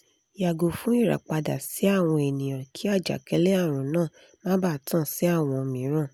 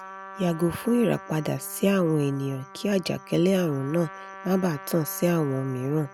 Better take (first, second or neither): first